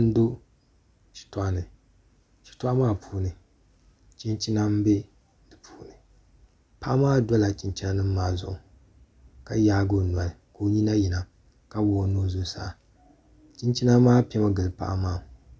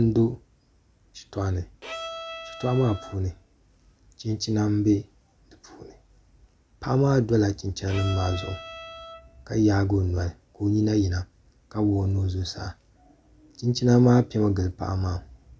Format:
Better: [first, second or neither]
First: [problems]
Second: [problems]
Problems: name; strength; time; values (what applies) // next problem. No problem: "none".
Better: first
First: none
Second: background sound (Bowed string instrument); 13 dB below the speech